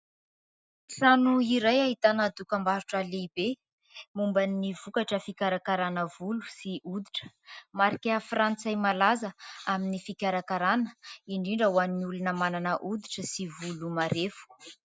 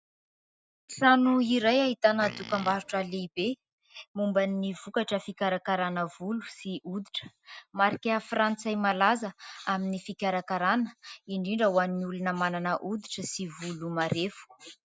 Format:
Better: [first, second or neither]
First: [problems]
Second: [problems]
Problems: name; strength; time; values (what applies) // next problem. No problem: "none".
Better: first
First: none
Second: background sound (Livestock, farm animals, working animals); 13 dB below the speech